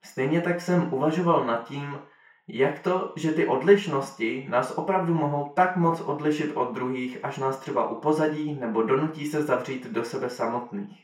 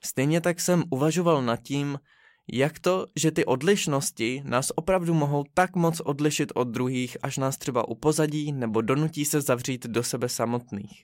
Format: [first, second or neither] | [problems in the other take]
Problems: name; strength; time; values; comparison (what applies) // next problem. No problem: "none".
second | room echo; slight; dies away in 0.5 s // off-mic speech; far